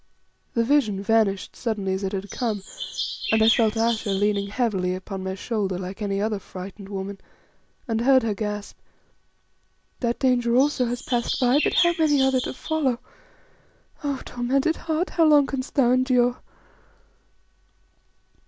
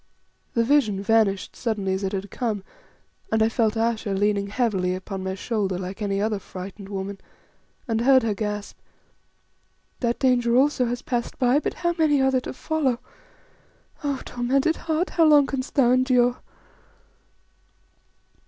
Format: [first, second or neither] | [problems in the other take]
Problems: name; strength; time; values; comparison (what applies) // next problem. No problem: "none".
second | background sound (Chirp, tweet); 7 dB below the speech